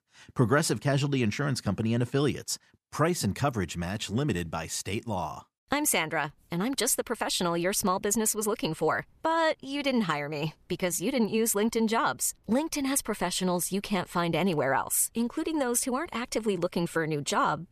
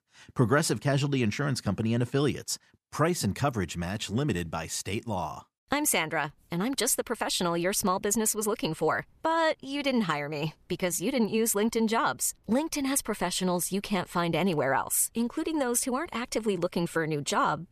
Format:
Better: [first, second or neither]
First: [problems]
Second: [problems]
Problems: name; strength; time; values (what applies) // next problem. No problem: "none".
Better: neither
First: none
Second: none